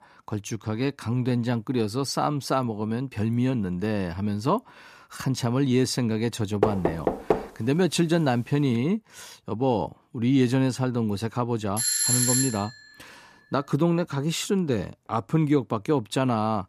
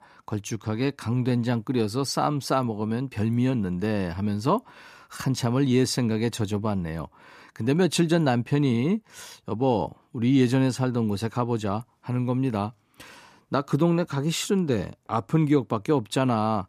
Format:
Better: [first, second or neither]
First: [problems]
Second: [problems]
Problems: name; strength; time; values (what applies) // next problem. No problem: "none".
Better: second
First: door banging; loud; at 6.5 s; peak level with the speech // doorbell; loud; at 12 s; peak 6 dB above the speech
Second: none